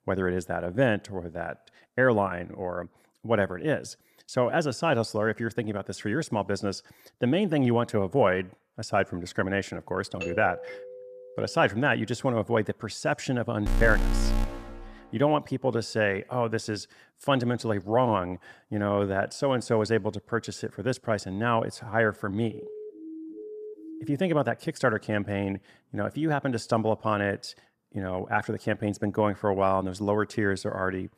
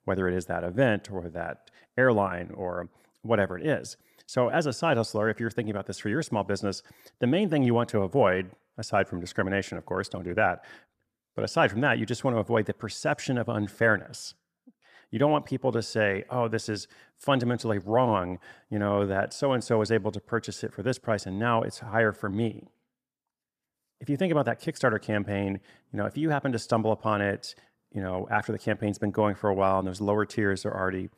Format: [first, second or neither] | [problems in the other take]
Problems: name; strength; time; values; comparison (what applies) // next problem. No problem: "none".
second | doorbell; noticeable; from 10 to 12 s; peak 8 dB below the speech // alarm; noticeable; from 14 to 15 s; peak 1 dB below the speech // siren; faint; from 23 to 24 s; peak 15 dB below the speech